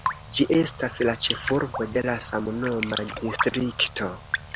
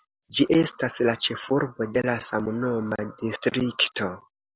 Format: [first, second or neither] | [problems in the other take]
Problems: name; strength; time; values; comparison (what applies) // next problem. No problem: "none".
second | background sound (Raindrop); 7 dB below the speech